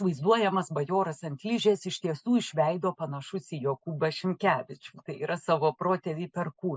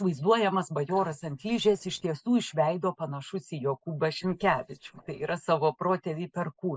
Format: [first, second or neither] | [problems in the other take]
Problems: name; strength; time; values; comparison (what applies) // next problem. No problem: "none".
first | noise reduction (neural mask model Resemble Enhance denoiser)